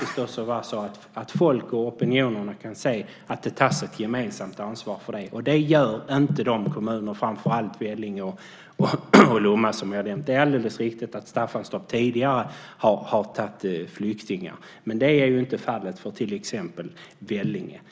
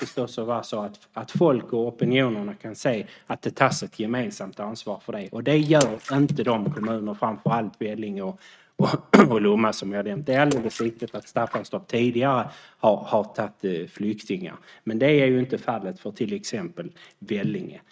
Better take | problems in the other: first | noise reduction (neural mask model RNNoise)

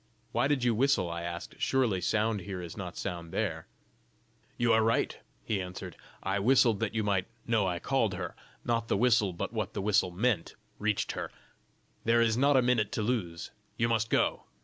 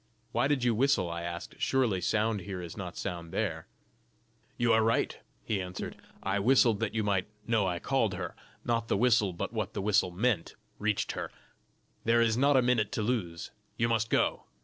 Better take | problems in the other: first | noise reduction (neural separator model SepFormer DNS4)

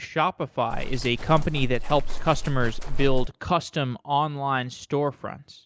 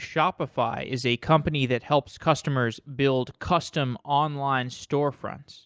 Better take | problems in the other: second | background sound (Livestock, farm animals, working animals); 2 dB above the speech

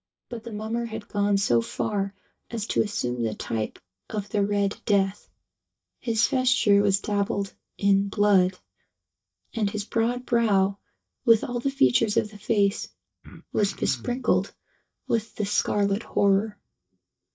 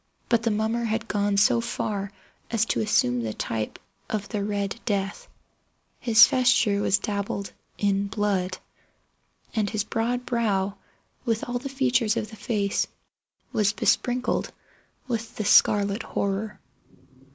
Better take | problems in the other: second | noise reduction (neural mask model DeepFilterNet 3)

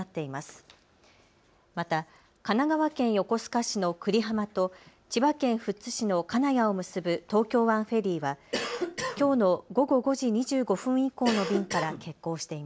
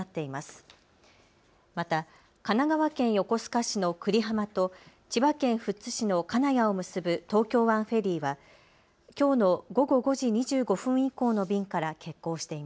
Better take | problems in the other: second | background sound (Cough); 6 dB below the speech

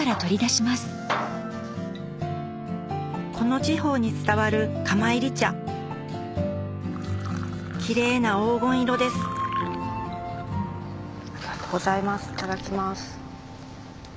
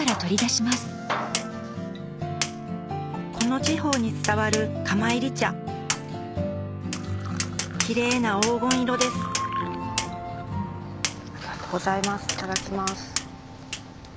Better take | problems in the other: first | background sound (Tap); 7 dB below the speech

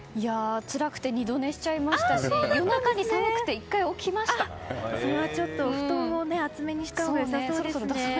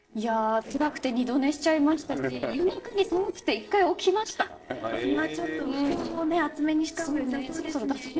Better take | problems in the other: first | noise reduction (neural separator model SepFormer DNS4)

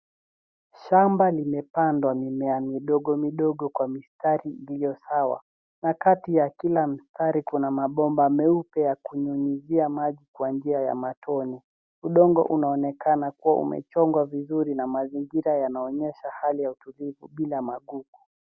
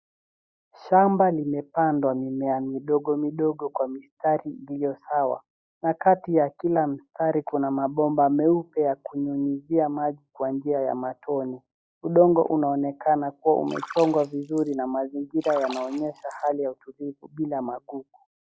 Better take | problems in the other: first | noise reduction (classical method log-MMSE)

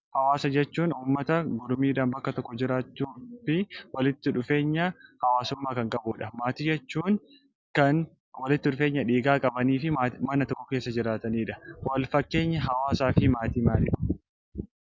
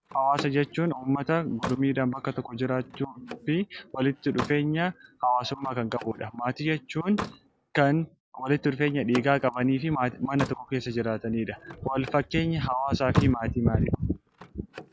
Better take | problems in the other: first | background sound (Slam); 15 dB below the speech

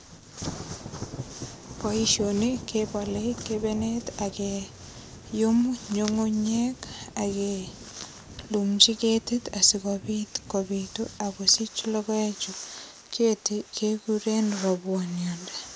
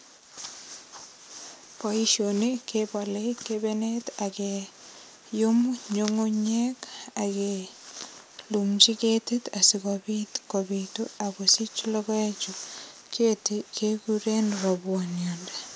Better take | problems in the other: second | background sound (Thunder); 15 dB below the speech

